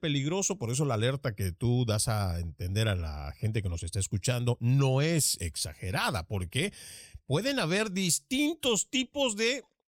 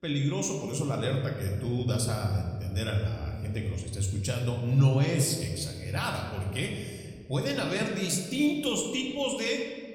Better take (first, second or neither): first